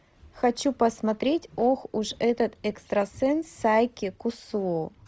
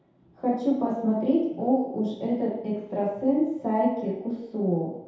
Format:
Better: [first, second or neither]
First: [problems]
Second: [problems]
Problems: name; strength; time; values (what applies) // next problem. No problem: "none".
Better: first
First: none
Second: room echo; dies away in 0.8 s